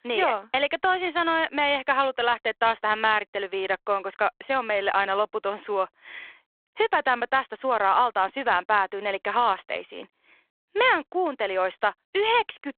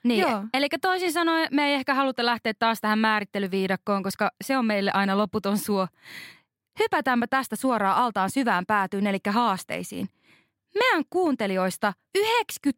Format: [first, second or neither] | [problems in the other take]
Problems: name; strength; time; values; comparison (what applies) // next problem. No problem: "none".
second | phone-call audio